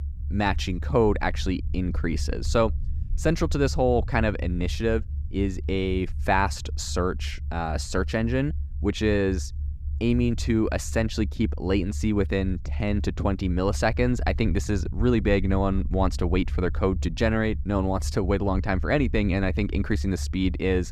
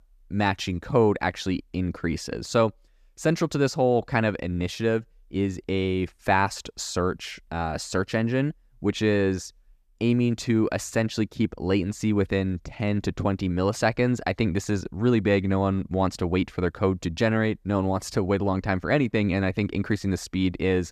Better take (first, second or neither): second